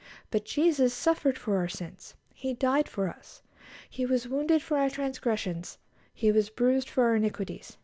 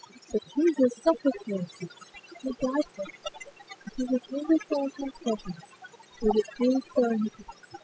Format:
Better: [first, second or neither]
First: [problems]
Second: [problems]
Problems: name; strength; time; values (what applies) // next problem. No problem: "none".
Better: first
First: none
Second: noise reduction (classical method spectral subtraction)